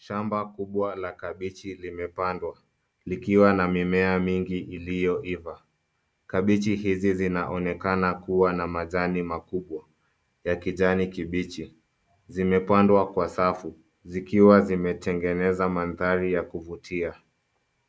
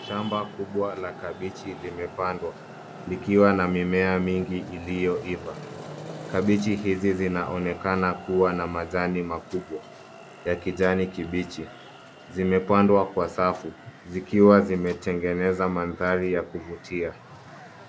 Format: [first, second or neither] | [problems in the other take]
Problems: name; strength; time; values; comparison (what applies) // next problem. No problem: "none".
first | background sound (Traffic noise, roadway noise); 17 dB below the speech